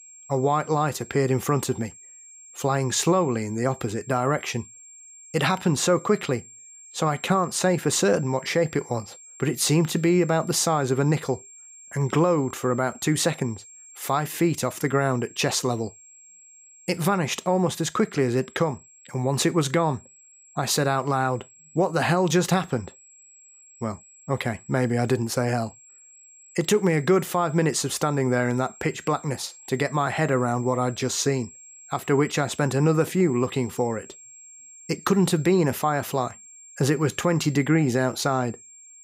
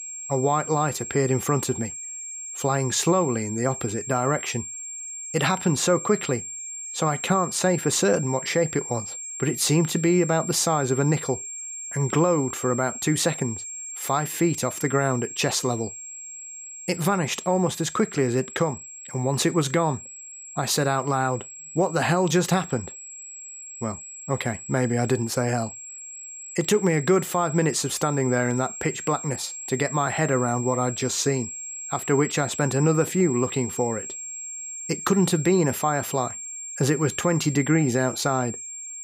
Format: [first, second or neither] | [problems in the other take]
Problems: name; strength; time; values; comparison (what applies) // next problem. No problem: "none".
first | high-pitched whine; loud; throughout; 7.5 kHz, 9 dB below the speech; faint in the first